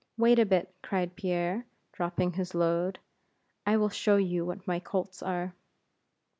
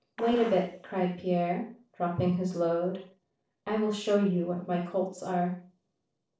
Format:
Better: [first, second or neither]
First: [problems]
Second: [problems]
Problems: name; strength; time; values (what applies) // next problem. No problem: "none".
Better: first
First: none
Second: noise reduction (neural separator model SepFormer DNS4)